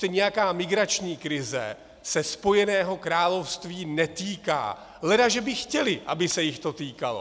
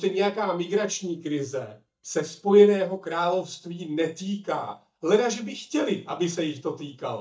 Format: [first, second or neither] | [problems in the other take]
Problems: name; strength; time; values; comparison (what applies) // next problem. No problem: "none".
first | noise reduction (neural mask model DeepFilterNet 3)